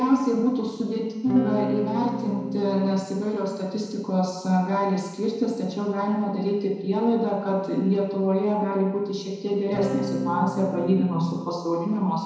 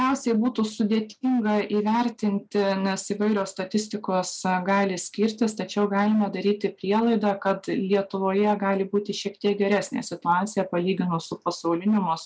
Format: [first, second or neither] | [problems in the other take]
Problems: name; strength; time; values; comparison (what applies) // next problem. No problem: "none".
second | background sound (Electric guitar / Strum); 5 dB below the speech // room echo; dies away in 1 s